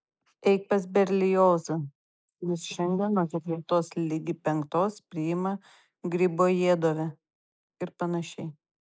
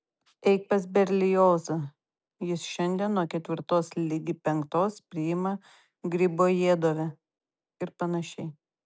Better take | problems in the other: second | noise reduction (neural mask model Resemble Enhance denoiser)

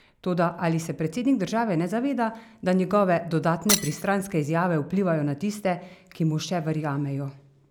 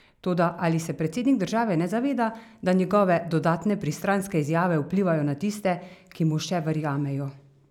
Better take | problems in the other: second | background sound (Shatter); 4 dB below the speech

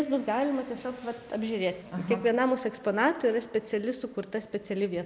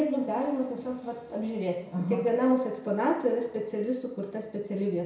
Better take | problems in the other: first | room echo; dies away in 0.6 s

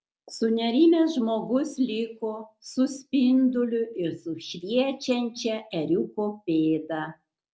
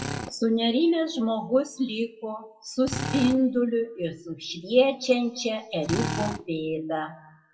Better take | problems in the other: first | noise reduction (classical method WPE with log-MMSE)

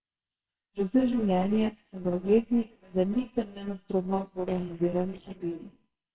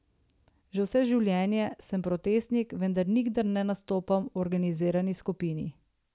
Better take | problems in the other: second | noise reduction (neural separator model SepFormer WHAMR!)

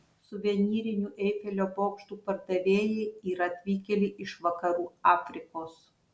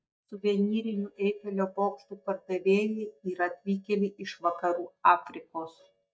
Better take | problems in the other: first | noise reduction (neural mask model DeepFilterNet 3)

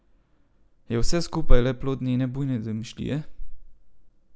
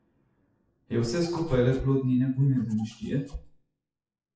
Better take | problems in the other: first | noise reduction (classical method WPE with log-MMSE)

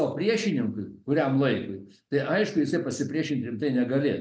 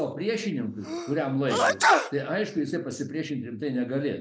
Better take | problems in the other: first | background sound (Sneeze); 2 dB above the speech

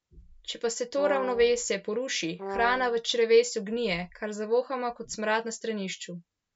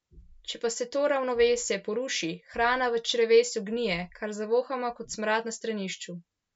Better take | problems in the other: second | background sound (Brass instrument); 9 dB below the speech

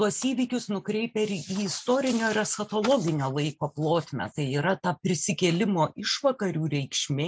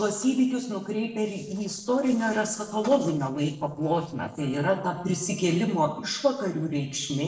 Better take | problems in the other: first | noise reduction (neural separator model SepFormer DNS4)

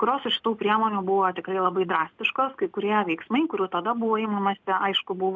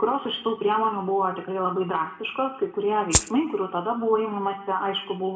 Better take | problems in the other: first | background sound (Rattle (instrument)); 1 dB above the speech // room echo; dies away in 0.7 s

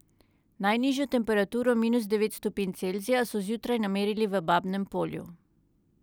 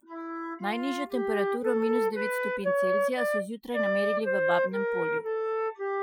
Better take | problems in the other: first | noise reduction (classical method Wiener filter)

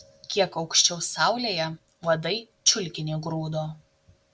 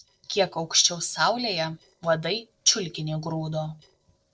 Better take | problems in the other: first | noise reduction (neural separator model SepFormer DNS4)

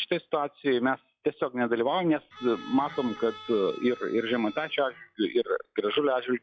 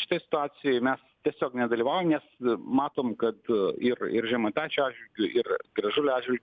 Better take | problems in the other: second | noise reduction (classical method log-MMSE)

